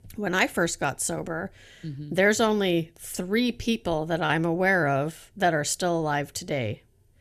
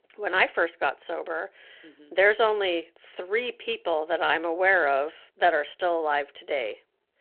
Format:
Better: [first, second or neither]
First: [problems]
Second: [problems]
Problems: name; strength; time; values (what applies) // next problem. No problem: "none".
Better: first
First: none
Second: phone-call audio